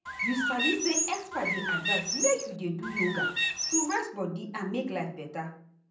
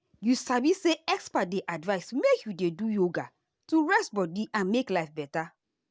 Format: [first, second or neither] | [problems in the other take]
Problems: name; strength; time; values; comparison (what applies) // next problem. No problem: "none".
second | background sound (Bird); 2 dB above the speech // room echo; dies away in 0.6 s